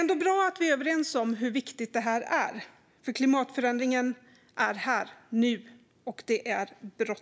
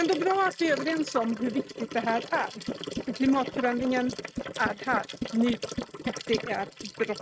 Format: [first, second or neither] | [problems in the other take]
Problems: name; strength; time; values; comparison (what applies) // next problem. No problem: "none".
first | noise reduction (neural mask model RNNoise)